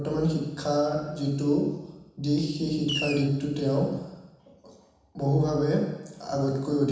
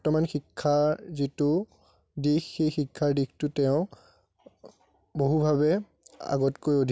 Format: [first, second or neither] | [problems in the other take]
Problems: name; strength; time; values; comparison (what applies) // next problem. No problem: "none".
second | background sound (Fireworks); 5 dB below the speech // room echo; dies away in 1.1 s